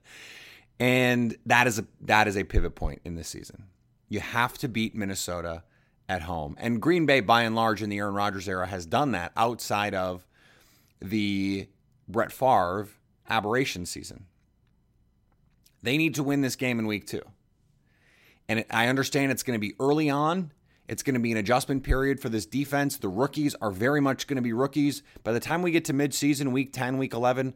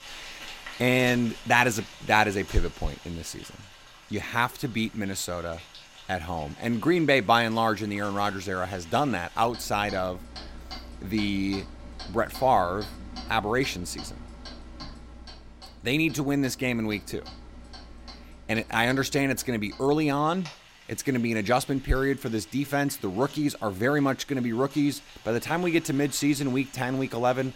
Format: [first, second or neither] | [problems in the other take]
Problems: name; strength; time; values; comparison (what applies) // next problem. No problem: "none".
first | household noises; noticeable; throughout; 20 dB below the speech